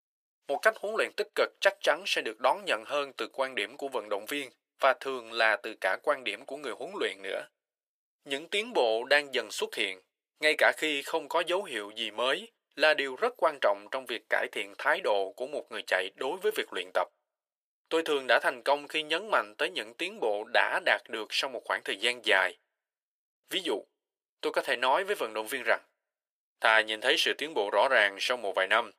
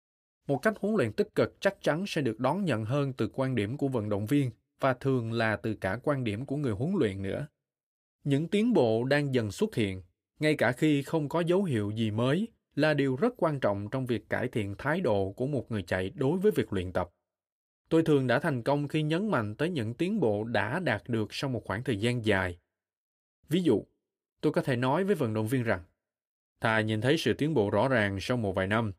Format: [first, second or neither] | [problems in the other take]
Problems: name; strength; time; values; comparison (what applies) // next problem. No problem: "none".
second | thin; very; fading below 550 Hz